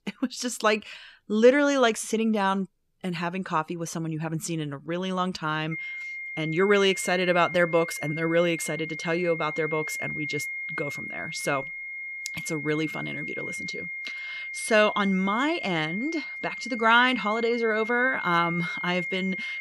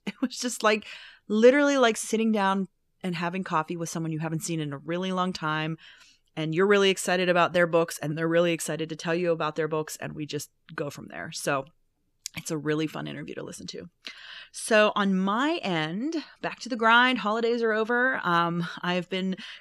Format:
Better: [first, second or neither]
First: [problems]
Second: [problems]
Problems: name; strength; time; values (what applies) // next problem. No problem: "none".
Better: second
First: high-pitched whine; loud; from 5.5 s on; 2 kHz, 7 dB below the speech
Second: none